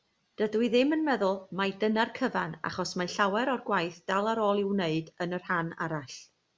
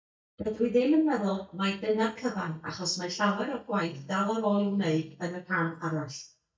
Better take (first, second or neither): first